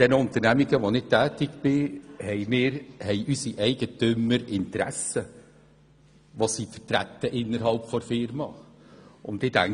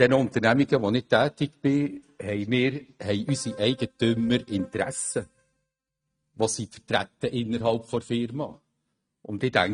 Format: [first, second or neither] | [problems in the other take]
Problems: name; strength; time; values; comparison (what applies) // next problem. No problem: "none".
first | noise reduction (neural mask model RNNoise)